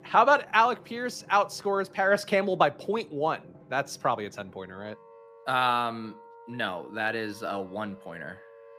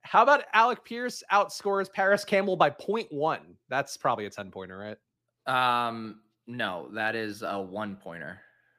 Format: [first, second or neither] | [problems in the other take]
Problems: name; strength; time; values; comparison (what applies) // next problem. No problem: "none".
second | background music; faint; throughout; 25 dB below the speech